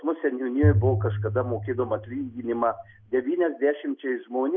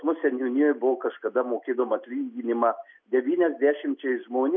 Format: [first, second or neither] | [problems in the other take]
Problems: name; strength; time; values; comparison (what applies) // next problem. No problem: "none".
second | background sound (Bowed string instrument); 1 dB below the speech